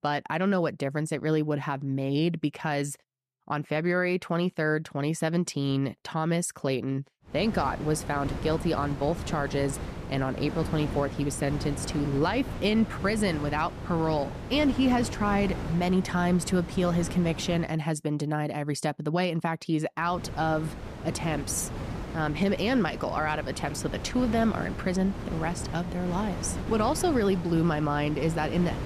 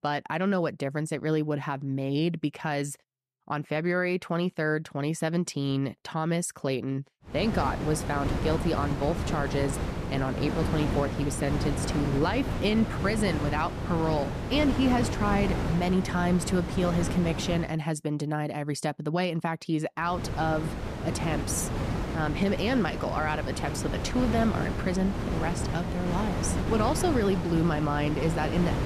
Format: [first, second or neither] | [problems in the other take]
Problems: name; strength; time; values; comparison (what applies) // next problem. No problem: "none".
first | wind noise on the microphone; heavy; from 7.5 to 18 s and from 20 s on; 5 dB below the speech; occasional gusts in the first